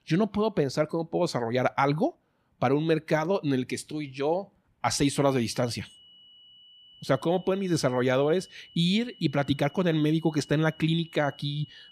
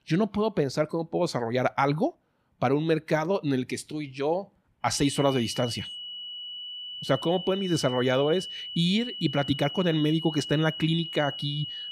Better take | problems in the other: first | high-pitched whine; loud; from 5 s on; 3 kHz, 8 dB below the speech; faint in the first

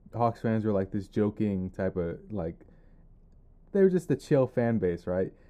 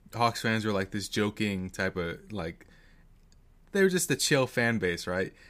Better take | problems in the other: second | muffled; very; fading above 1.5 kHz

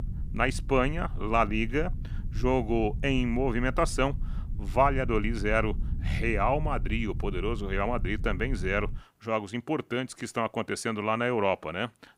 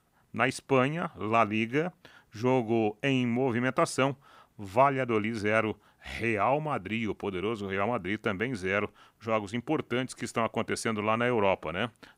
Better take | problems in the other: second | low rumble; faint; until 9 s; 20 dB below the speech

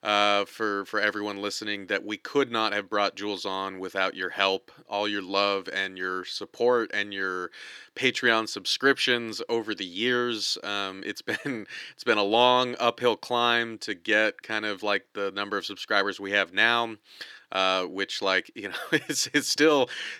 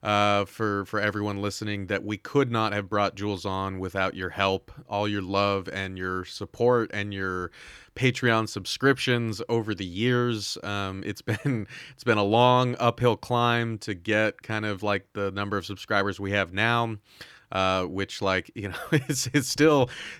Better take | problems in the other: second | thin; somewhat; fading below 350 Hz

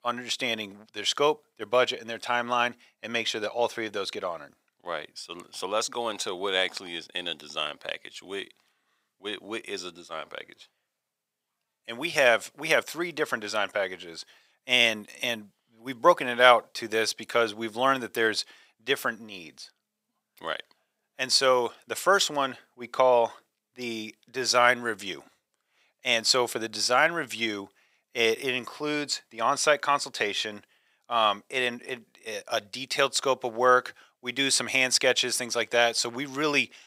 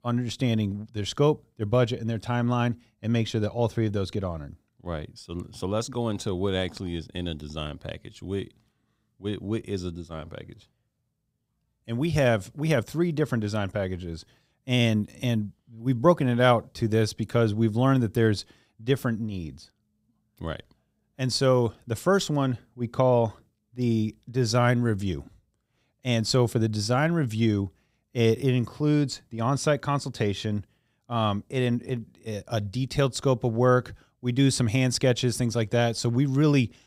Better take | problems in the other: second | thin; very; fading below 650 Hz

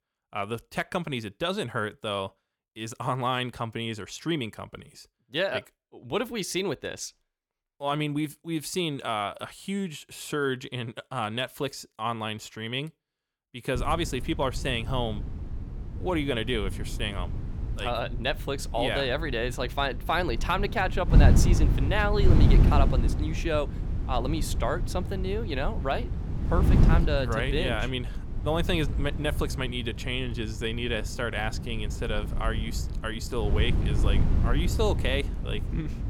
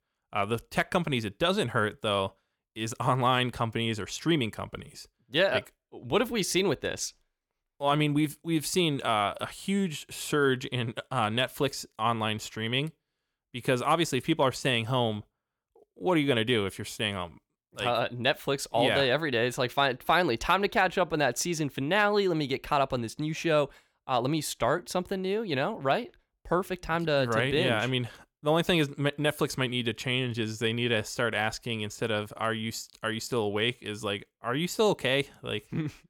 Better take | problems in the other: second | wind noise on the microphone; occasional gusts; from 14 s on; 10 dB below the speech

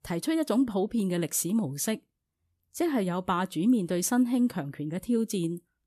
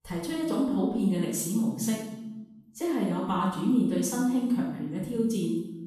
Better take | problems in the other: first | off-mic speech; far // room echo; noticeable; dies away in 0.9 s

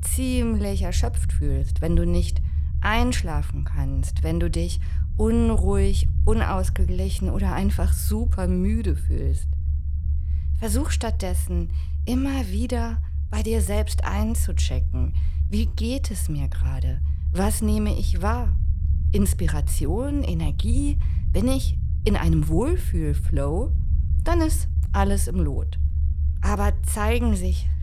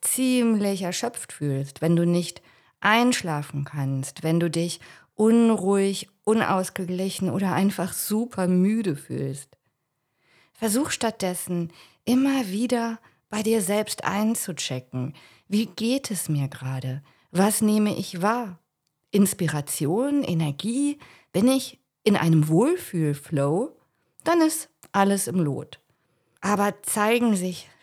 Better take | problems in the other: second | low rumble; noticeable; throughout; 15 dB below the speech

